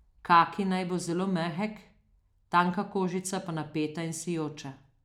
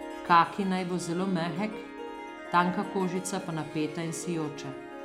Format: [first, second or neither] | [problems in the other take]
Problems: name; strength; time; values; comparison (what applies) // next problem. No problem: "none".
first | background sound (Harp); 10 dB below the speech